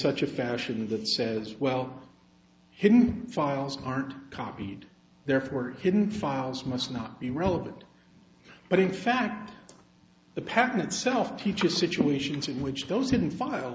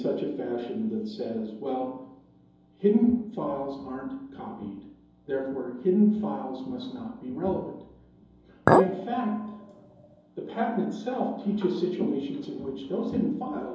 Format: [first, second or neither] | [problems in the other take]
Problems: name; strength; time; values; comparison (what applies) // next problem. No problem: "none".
first | background sound (Chink, clink); 2 dB above the speech // room echo; dies away in 2.8 s